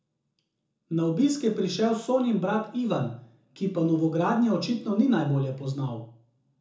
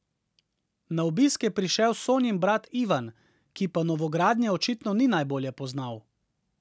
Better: second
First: room echo; dies away in 0.7 s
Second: none

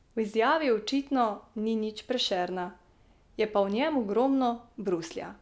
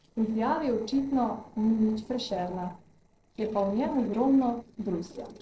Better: first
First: none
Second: noise reduction (neural separator model SepFormer DNS4)

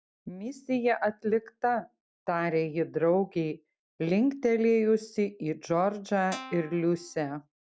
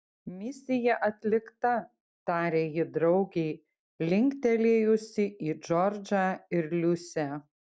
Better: second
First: background sound (Guitar); 16 dB below the speech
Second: none

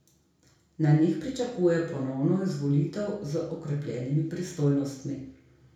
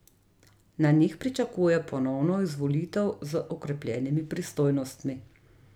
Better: second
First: room echo; dies away in 0.6 s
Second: none

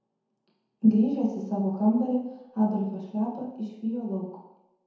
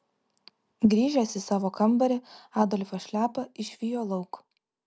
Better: second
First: room echo; dies away in 1 s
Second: none

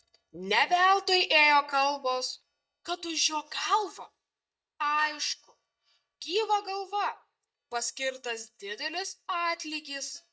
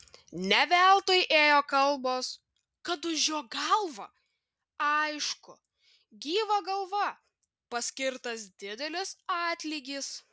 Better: second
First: noise reduction (neural mask model DeepFilterNet 3)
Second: none

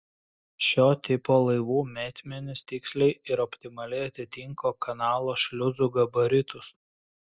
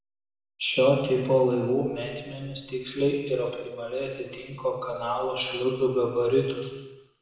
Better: first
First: none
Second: room echo; dies away in 1.2 s

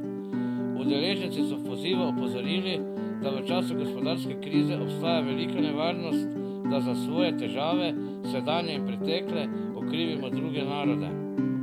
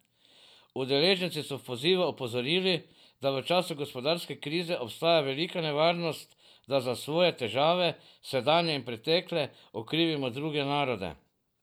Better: second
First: background sound (Guitar); 4 dB above the speech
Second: none

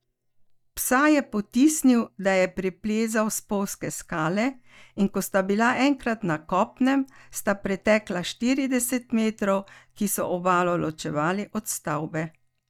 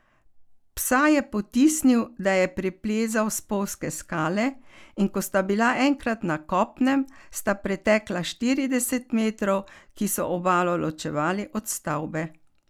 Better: second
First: noise reduction (neural mask model DeepFilterNet 3)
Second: none

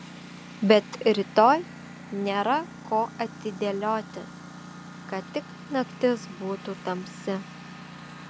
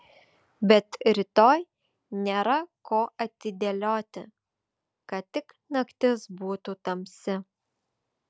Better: second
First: background sound (Engine); 15 dB below the speech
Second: none

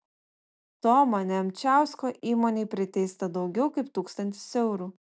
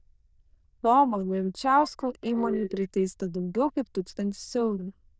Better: first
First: none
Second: noise reduction (neural diffusion model UNIVERSE++)

